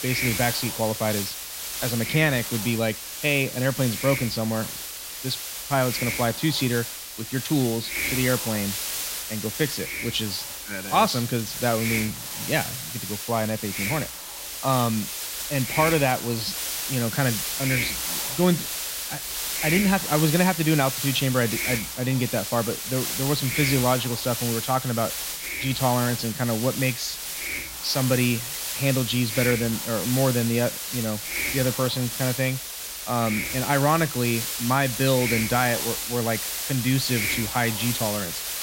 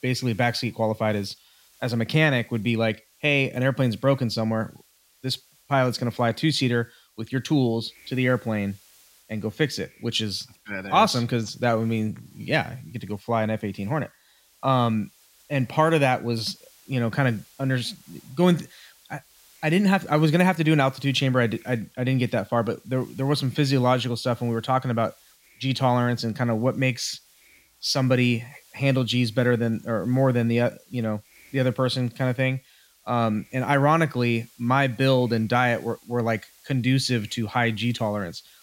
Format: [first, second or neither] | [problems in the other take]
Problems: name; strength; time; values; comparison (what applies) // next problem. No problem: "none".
second | hiss; loud; throughout; 3 dB below the speech; faint in the second